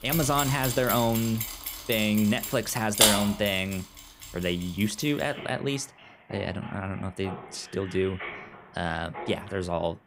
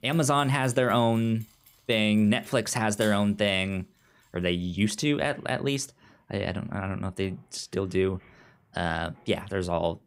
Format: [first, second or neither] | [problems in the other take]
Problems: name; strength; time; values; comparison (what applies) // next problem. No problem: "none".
second | machinery noise; loud; throughout; 1 dB below the speech; faint in the second